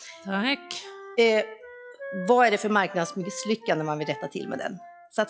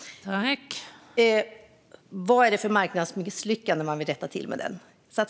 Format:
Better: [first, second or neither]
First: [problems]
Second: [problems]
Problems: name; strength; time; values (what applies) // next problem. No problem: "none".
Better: second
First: noise reduction (classical method log-MMSE)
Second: none